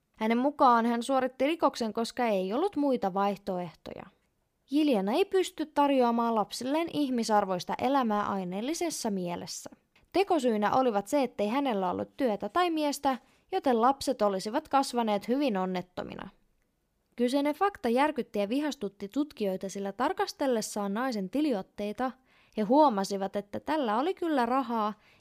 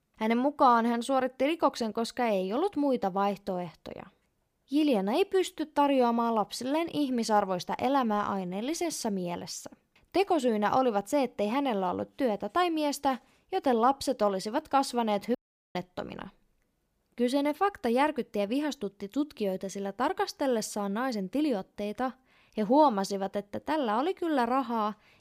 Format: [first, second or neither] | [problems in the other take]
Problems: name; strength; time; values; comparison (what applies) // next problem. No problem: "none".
first | audio cutting out; at 15 s